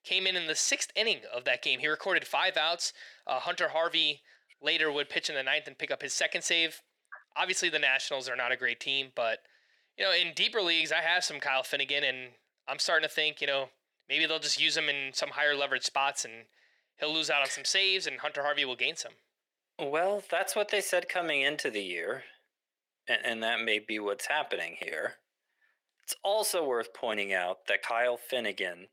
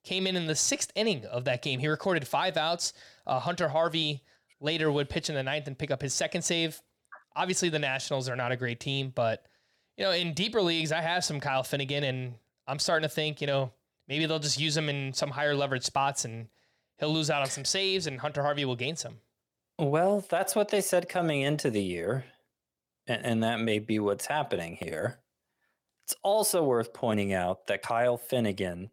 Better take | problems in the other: second | thin; very; fading below 450 Hz

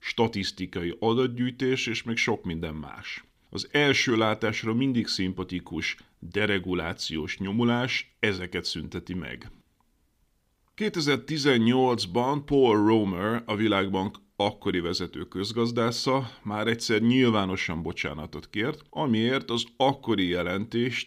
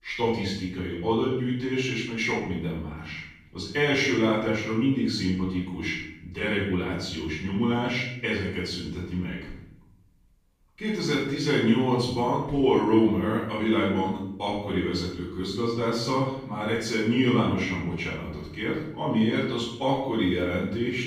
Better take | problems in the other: first | off-mic speech; far // room echo; noticeable; dies away in 0.7 s

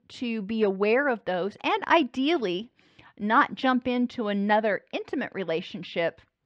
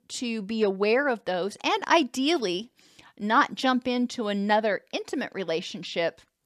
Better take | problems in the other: second | muffled; slightly; fading above 2.5 kHz

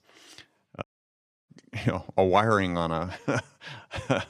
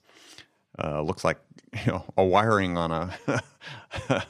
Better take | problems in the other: second | audio cutting out; at 1 s for 0.5 s

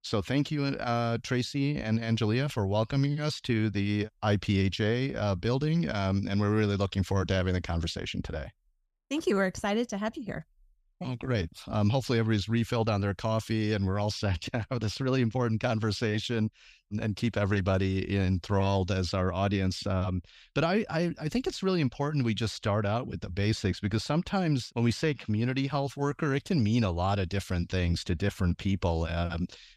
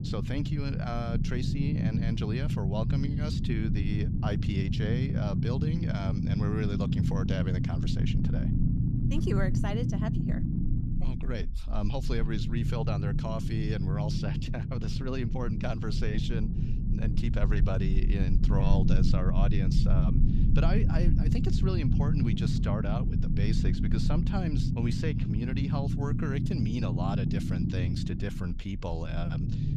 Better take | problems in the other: first | low rumble; loud; throughout; 2 dB below the speech

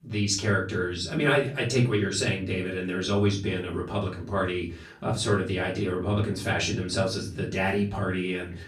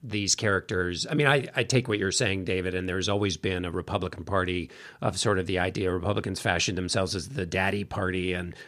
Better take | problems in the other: second | off-mic speech; far // room echo; slight; dies away in 0.3 s

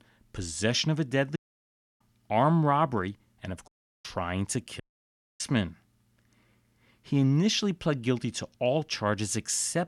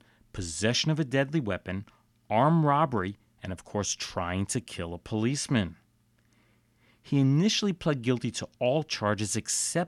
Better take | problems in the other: second | audio cutting out; at 1.5 s for 0.5 s, at 3.5 s and at 5 s for 0.5 s

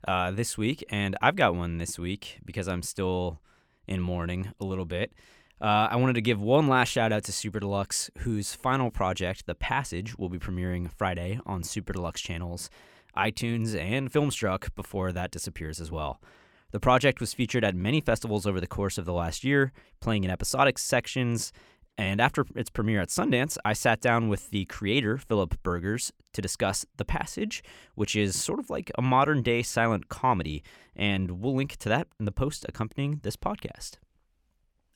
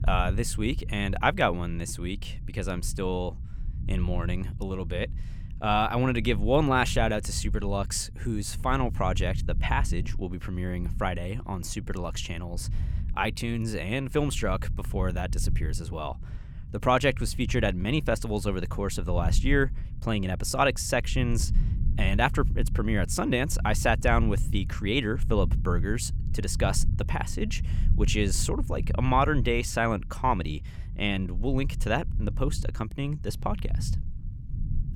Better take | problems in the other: first | low rumble; noticeable; throughout; 20 dB below the speech

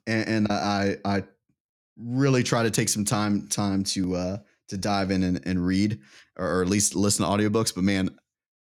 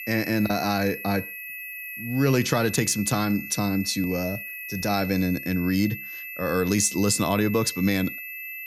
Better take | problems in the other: first | high-pitched whine; loud; throughout; 2.5 kHz, 9 dB below the speech

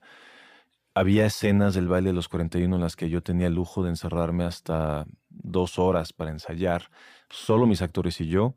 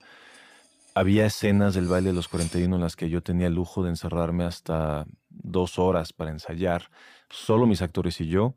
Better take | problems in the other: first | clattering dishes; faint; at 2 s; peak 10 dB below the speech

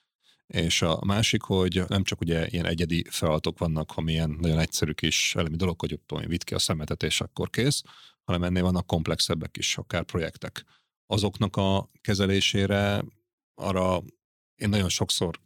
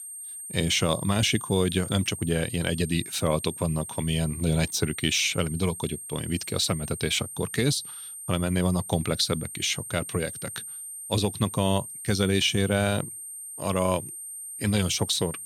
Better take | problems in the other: first | high-pitched whine; loud; throughout; 8.5 kHz, 10 dB below the speech

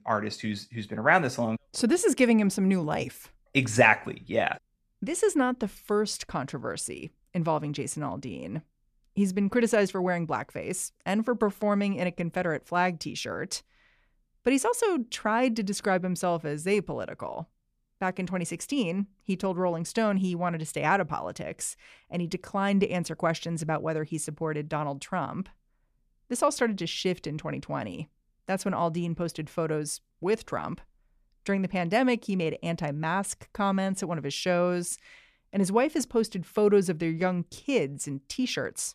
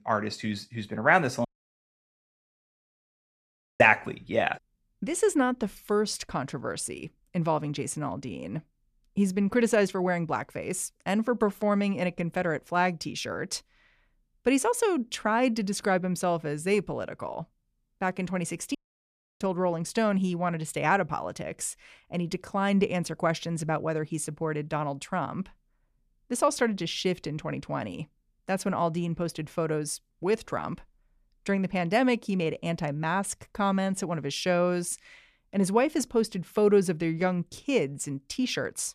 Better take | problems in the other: first | audio cutting out; at 1.5 s for 2.5 s and at 19 s for 0.5 s

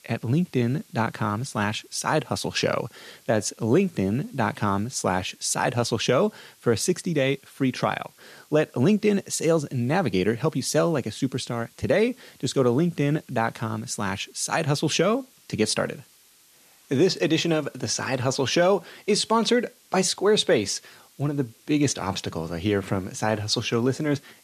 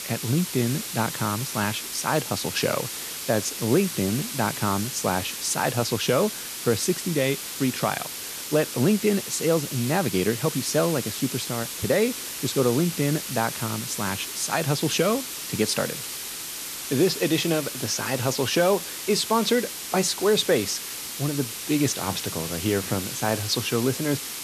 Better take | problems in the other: first | hiss; loud; throughout; 6 dB below the speech; faint in the first

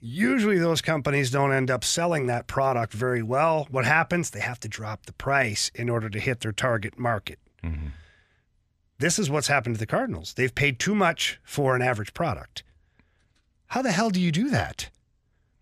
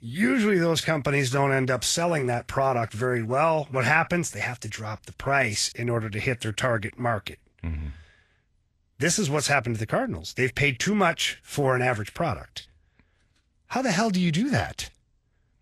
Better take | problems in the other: first | garbled, watery; slightly; nothing above 12.5 kHz

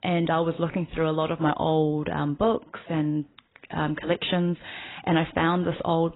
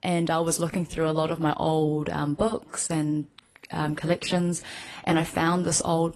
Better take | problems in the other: second | garbled, watery; badly; nothing above 4 kHz; slightly in the second

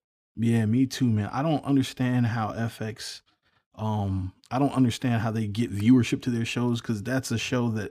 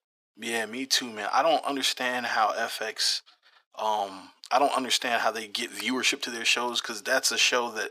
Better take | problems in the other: first | thin; very; fading below 550 Hz

